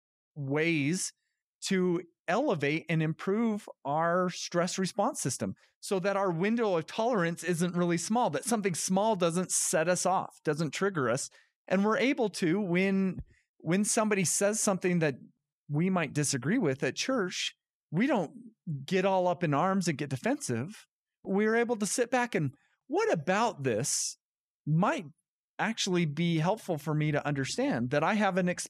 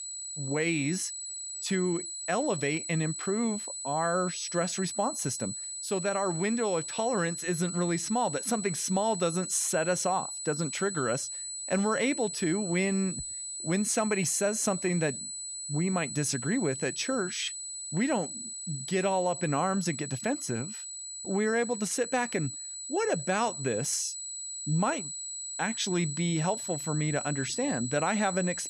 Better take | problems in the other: first | high-pitched whine; loud; throughout; 8 kHz, 5 dB below the speech

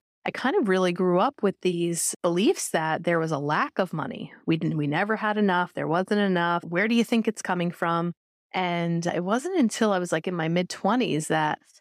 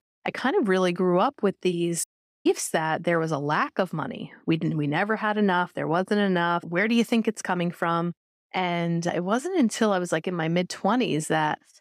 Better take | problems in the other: first | audio cutting out; at 2 s

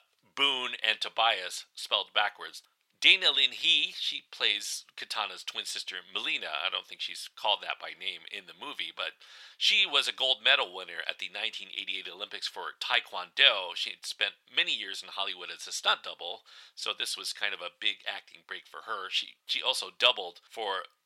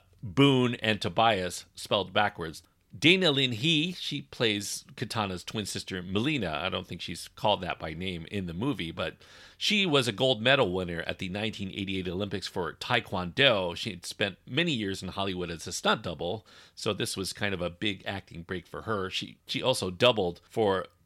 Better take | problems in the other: second | thin; very; fading below 850 Hz

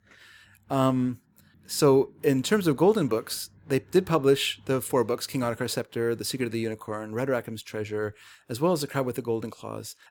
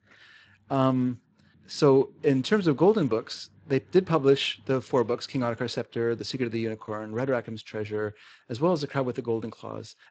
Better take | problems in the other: first | garbled, watery; slightly; nothing above 8 kHz

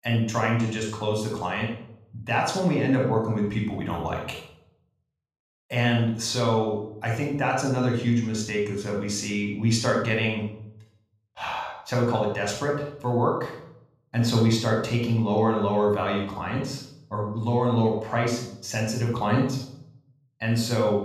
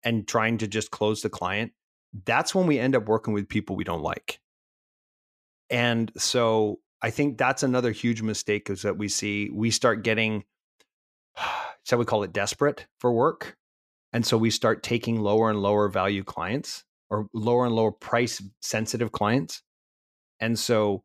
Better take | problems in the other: second | off-mic speech; somewhat distant // room echo; noticeable; dies away in 0.6 s

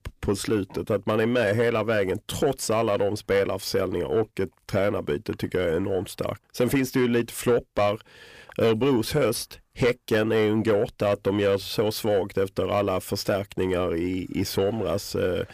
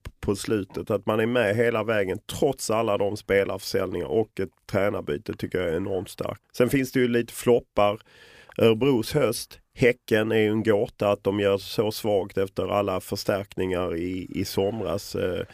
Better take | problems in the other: second | distortion; slight; 10 dB below the speech

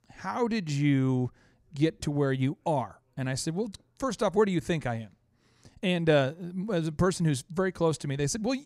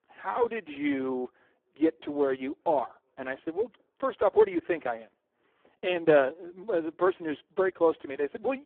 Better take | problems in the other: first | phone-call audio; poor line

